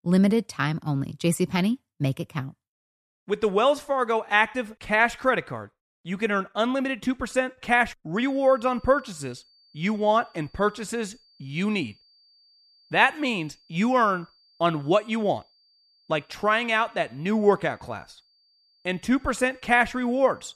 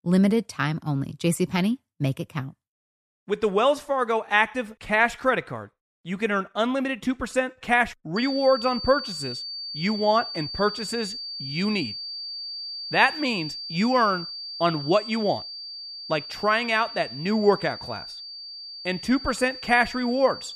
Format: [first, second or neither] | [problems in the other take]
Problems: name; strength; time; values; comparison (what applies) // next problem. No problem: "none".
first | high-pitched whine; loud; from 8 s on; 4.5 kHz, 9 dB below the speech; faint in the first